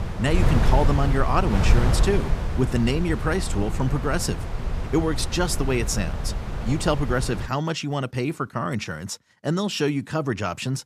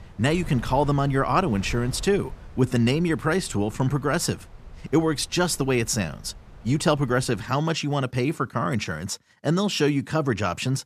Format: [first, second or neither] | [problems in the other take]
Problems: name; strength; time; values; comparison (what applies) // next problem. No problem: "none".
second | wind noise on the microphone; heavy; until 7.5 s; 7 dB below the speech; occasional gusts in the second